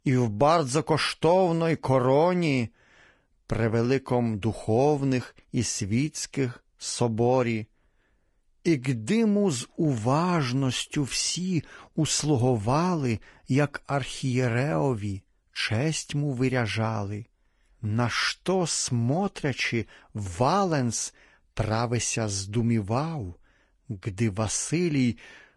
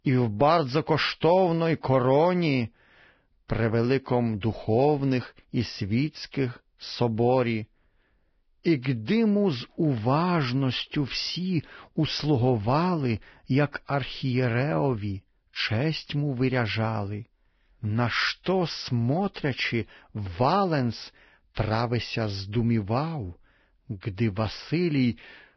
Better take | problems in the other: first | garbled, watery; badly; nothing above 5.5 kHz; slightly in the first

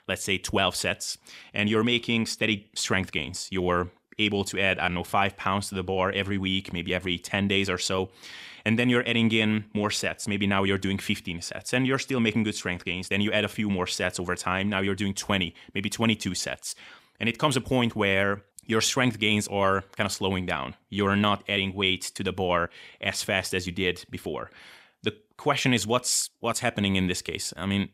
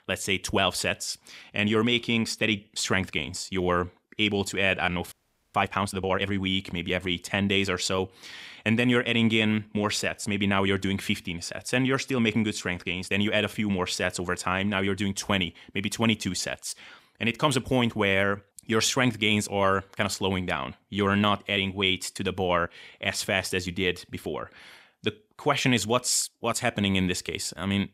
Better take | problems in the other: first | audio freezing; at 5 s

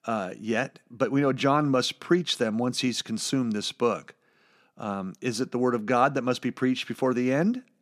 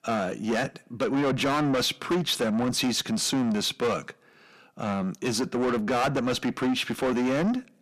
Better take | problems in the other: first | distortion; heavy; 6 dB below the speech

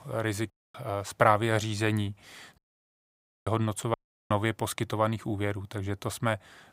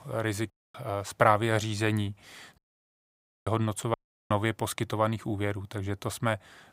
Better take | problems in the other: neither | audio cutting out; at 0.5 s, at 2.5 s for 1 s and at 4 s; the same in both

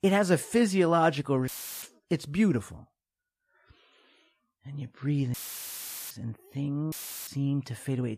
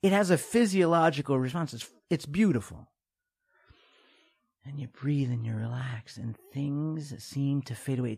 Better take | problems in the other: second | audio cutting out; filled with static; at 1.5 s, at 5.5 s for 1 s and at 7 s

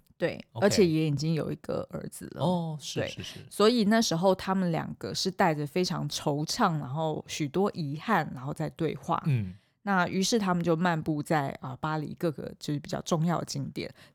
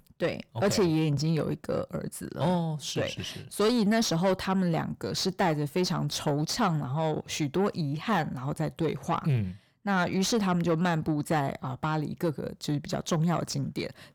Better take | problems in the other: first | distortion; slight; 10 dB below the speech

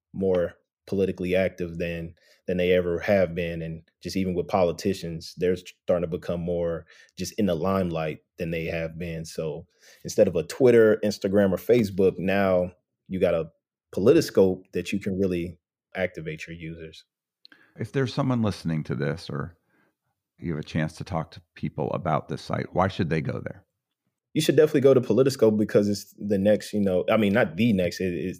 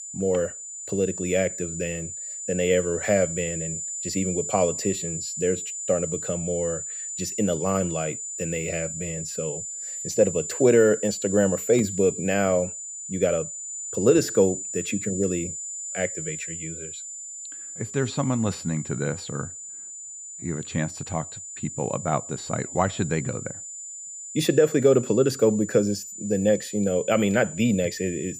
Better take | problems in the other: first | high-pitched whine; loud; throughout; 7 kHz, 7 dB below the speech

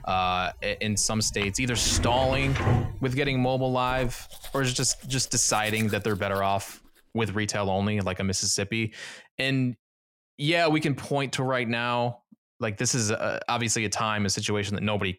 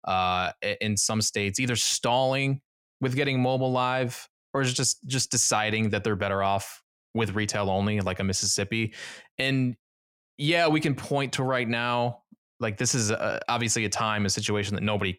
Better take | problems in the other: second | household noises; loud; until 7 s; 7 dB below the speech

